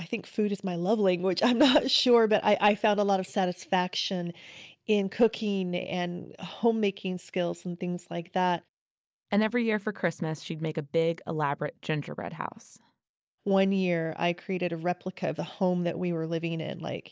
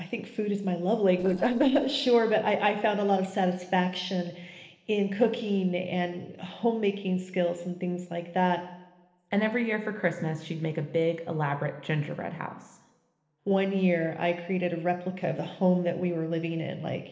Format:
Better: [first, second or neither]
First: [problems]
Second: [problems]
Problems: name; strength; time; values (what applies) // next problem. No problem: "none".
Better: first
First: none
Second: noise reduction (neural separator model SepFormer DNS4)